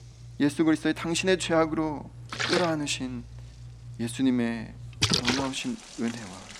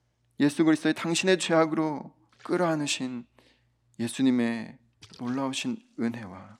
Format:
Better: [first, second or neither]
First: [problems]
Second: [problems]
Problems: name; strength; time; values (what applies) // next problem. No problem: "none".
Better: second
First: rain or running water; loud; throughout; 2 dB below the speech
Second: rain or running water; faint; throughout; 30 dB below the speech